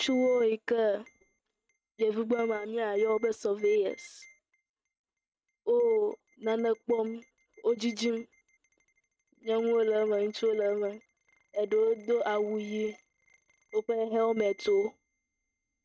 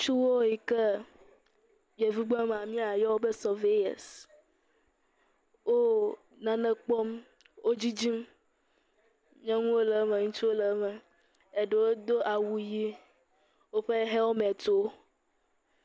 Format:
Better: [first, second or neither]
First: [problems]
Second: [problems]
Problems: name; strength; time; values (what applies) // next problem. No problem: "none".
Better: second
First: noise reduction (neural mask model RNNoise)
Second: none